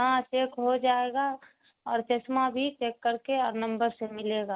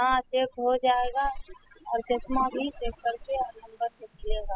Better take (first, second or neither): first